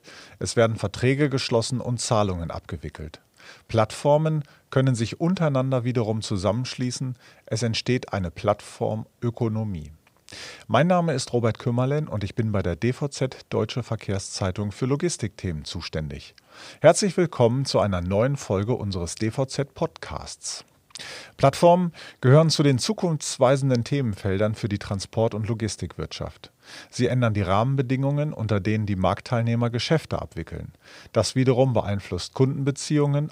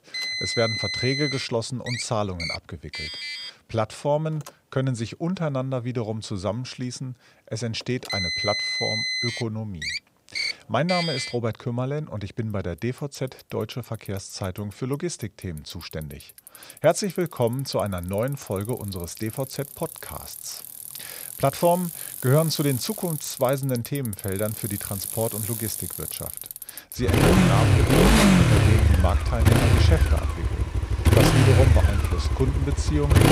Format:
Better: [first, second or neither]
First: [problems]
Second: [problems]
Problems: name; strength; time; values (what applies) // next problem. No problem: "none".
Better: first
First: none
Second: traffic noise; very loud; throughout; 4 dB above the speech